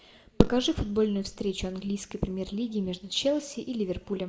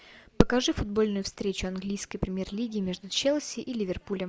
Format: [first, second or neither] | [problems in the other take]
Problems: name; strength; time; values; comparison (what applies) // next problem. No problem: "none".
second | room echo; dies away in 0.6 s